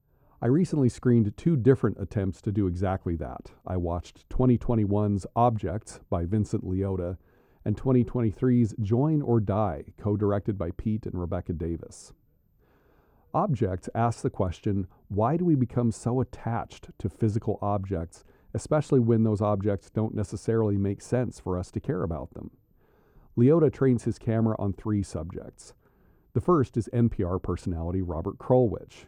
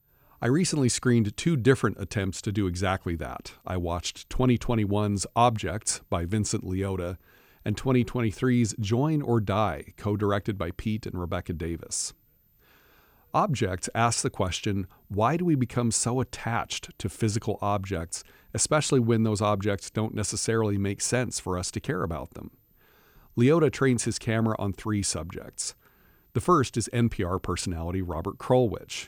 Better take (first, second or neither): second